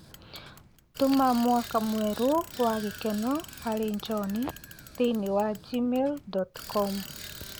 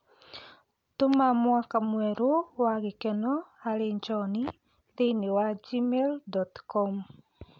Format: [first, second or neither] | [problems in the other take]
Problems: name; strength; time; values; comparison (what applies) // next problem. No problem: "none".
second | background sound (Bicycle); 15 dB below the speech